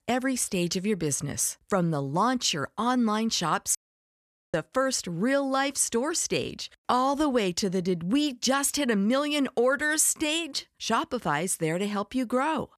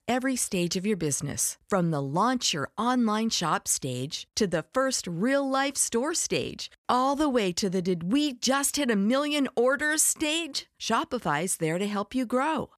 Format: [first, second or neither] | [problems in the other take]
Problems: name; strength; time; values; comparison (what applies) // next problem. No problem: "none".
second | audio cutting out; at 4 s for 1 s